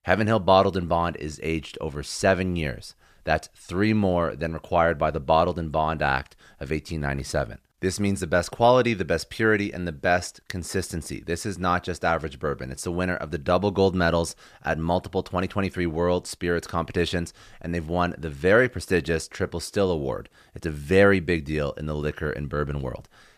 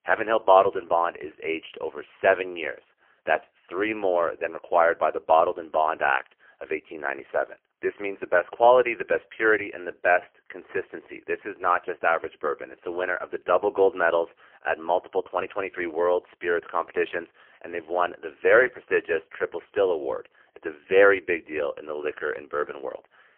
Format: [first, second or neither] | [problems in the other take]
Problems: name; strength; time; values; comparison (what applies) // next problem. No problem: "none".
first | phone-call audio; poor line; nothing above 3 kHz